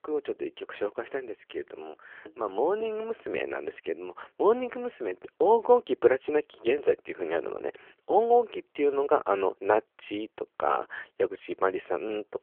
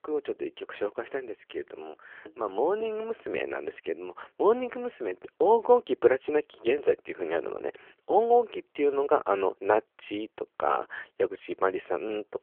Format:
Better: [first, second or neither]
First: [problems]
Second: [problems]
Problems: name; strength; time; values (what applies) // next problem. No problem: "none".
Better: neither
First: phone-call audio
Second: phone-call audio